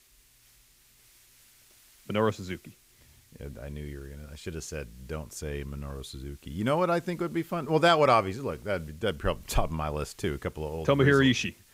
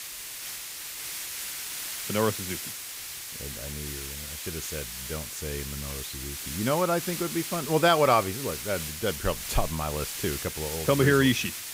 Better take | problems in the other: first | hiss; loud; throughout; 7 dB below the speech; faint in the first

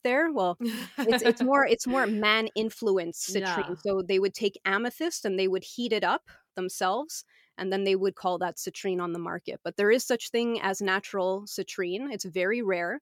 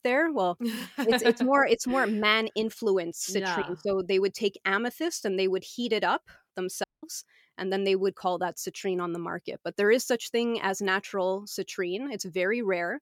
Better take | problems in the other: first | audio cutting out; at 7 s

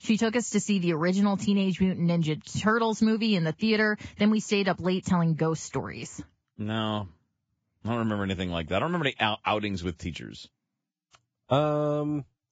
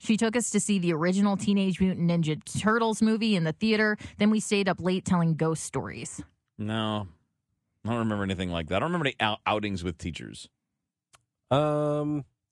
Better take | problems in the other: second | garbled, watery; badly; nothing above 7.5 kHz; slightly in the second

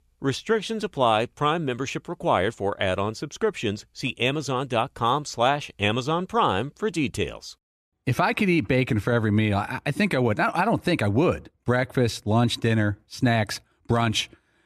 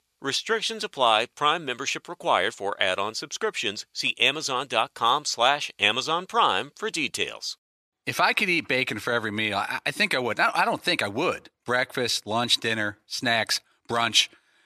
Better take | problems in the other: first | thin; somewhat; fading below 1 kHz

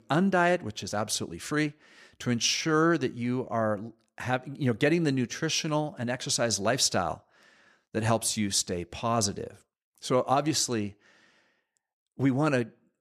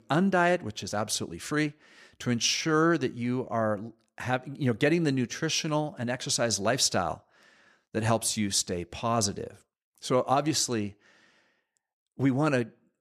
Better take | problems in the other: neither | none

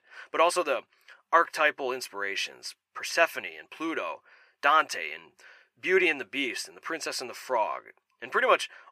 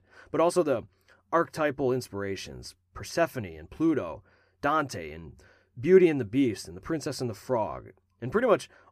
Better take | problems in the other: second | thin; very; fading below 650 Hz

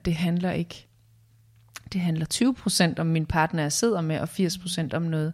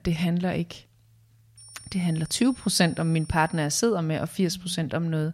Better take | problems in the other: first | high-pitched whine; faint; from 1.5 to 3.5 s; 9.5 kHz, 20 dB below the speech

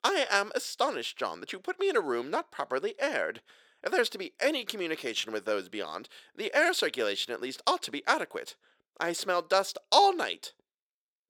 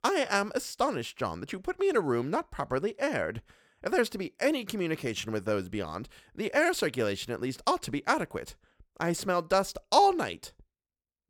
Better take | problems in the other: second | thin; somewhat; fading below 400 Hz

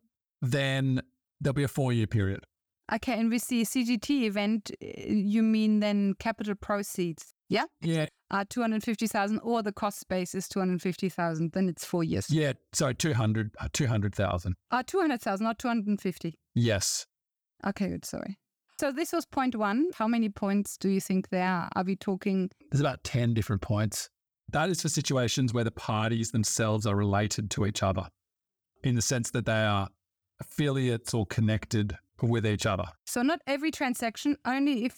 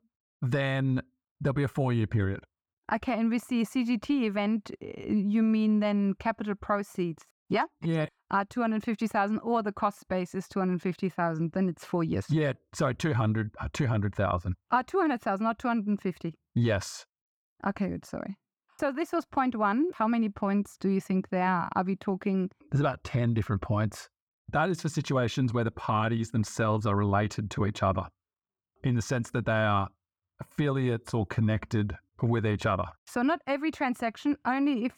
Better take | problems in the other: first | muffled; slightly; fading above 3.5 kHz

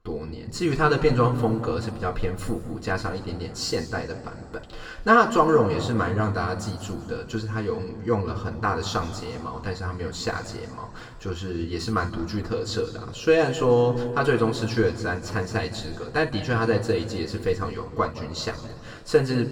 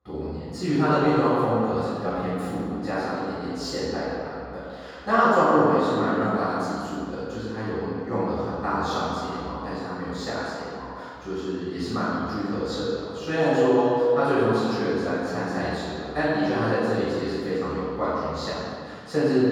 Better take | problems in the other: first | room echo; strong; dies away in 2.2 s; slight in the first // off-mic speech; far; far in the first

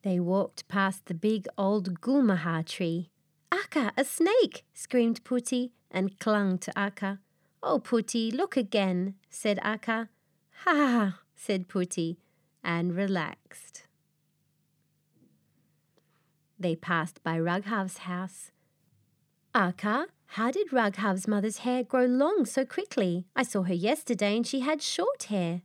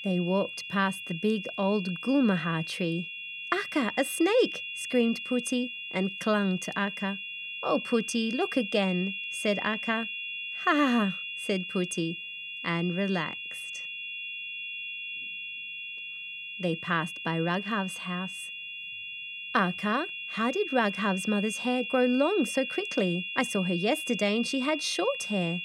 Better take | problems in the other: first | high-pitched whine; loud; throughout; 3 kHz, 6 dB below the speech

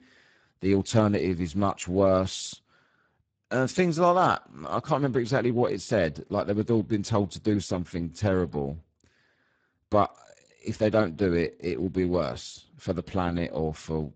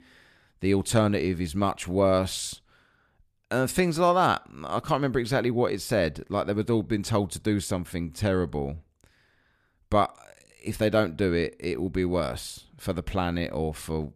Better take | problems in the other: second | garbled, watery; badly; nothing above 7.5 kHz

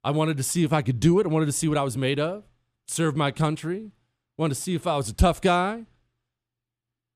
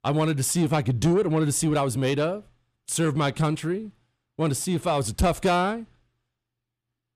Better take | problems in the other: first | distortion; slight; 10 dB below the speech

